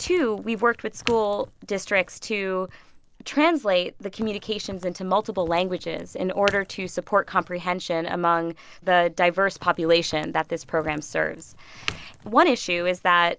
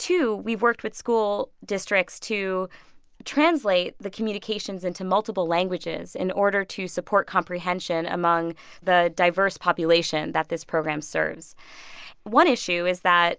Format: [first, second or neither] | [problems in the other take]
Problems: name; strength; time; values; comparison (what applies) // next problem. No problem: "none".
second | background sound (Crack); 19 dB below the speech